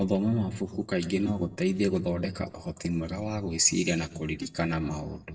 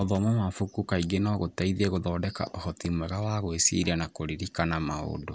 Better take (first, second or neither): second